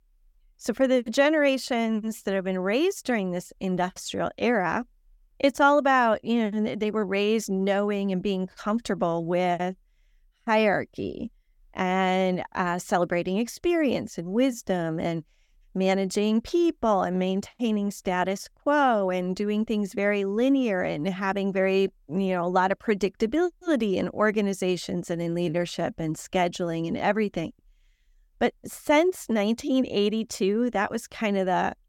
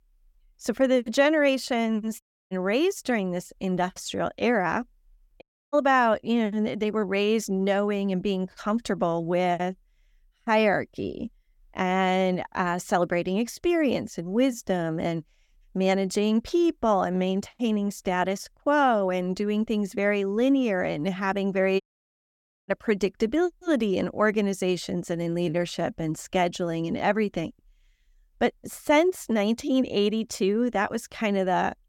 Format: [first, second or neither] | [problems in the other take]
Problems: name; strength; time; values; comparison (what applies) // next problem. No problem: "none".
first | audio cutting out; at 2 s, at 5.5 s and at 22 s for 1 s